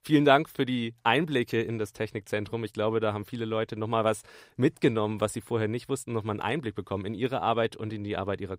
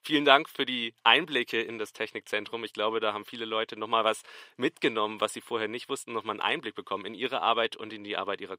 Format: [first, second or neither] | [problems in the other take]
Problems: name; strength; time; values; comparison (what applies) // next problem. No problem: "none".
first | thin; somewhat; fading below 300 Hz